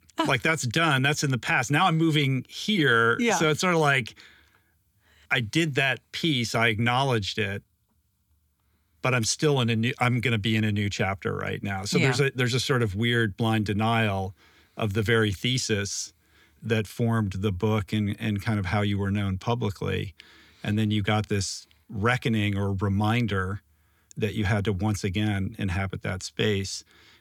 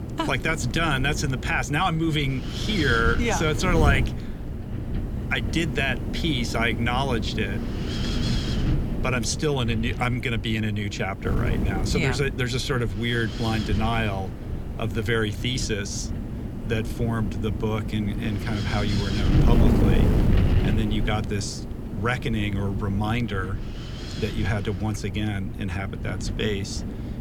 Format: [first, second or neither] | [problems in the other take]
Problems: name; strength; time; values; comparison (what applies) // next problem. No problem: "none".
first | wind noise on the microphone; heavy; 8 dB below the speech